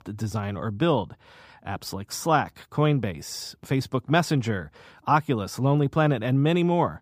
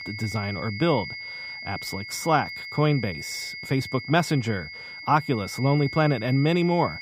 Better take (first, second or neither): first